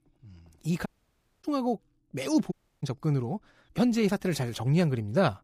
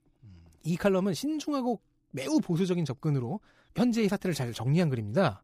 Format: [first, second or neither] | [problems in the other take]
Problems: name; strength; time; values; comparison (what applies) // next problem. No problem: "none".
second | audio cutting out; at 1 s for 0.5 s and at 2.5 s